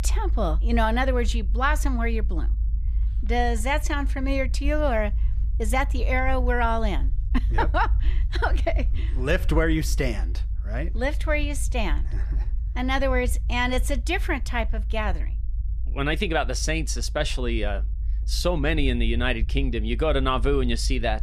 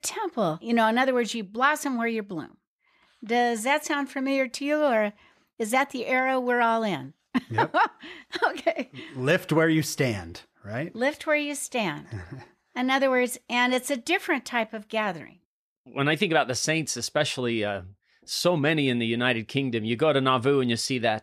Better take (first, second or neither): second